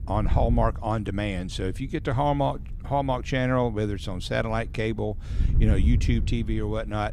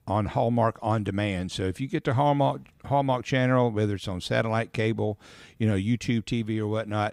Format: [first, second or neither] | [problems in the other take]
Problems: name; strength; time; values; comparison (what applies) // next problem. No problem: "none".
second | wind noise on the microphone; occasional gusts; 20 dB below the speech